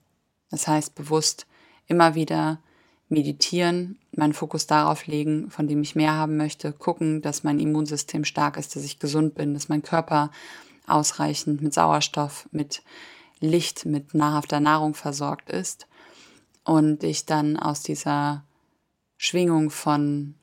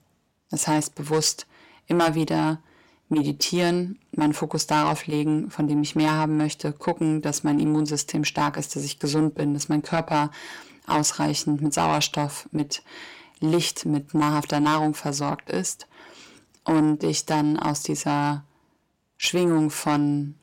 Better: first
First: none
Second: distortion; slight; 10 dB below the speech

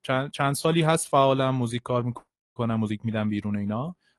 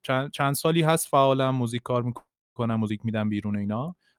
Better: second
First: garbled, watery; slightly; nothing above 11.5 kHz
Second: none

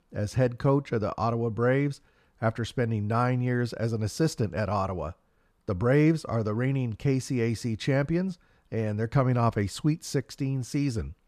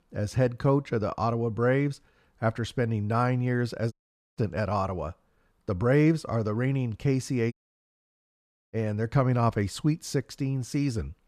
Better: first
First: none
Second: audio cutting out; at 4 s and at 7.5 s for 1 s

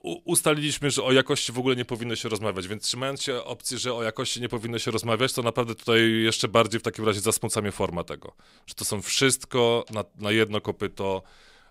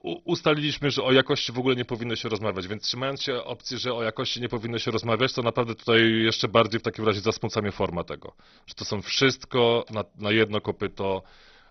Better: first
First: none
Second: garbled, watery; badly; nothing above 6 kHz

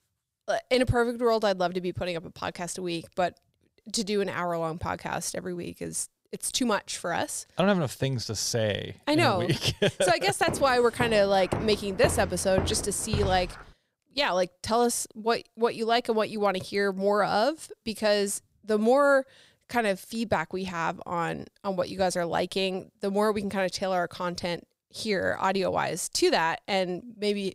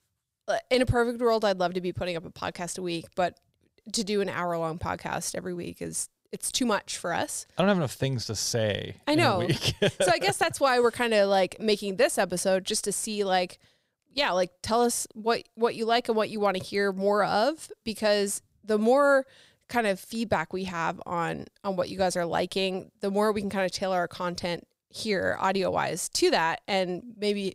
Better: second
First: footsteps; noticeable; from 10 to 14 s; peak 5 dB below the speech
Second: none

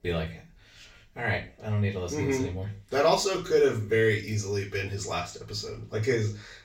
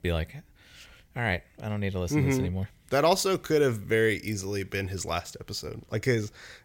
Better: second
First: room echo; slight; dies away in 0.3 s // off-mic speech; far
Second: none

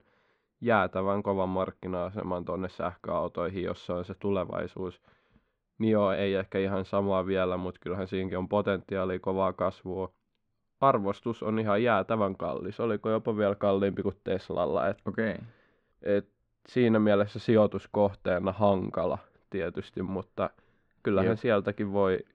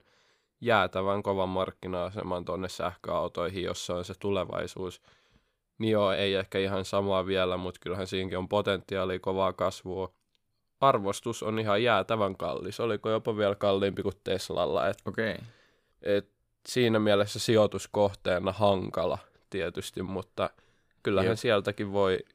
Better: second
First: muffled; slightly; fading above 2 kHz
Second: none

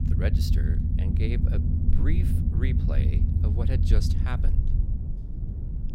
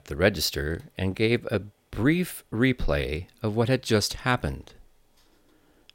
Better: second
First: low rumble; loud; throughout; 1 dB below the speech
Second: none

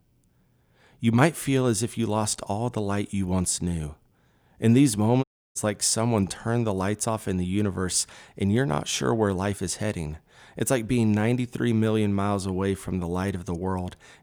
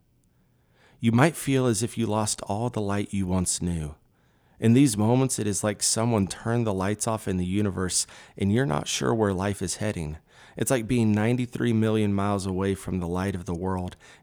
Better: second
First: audio cutting out; at 5 s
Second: none

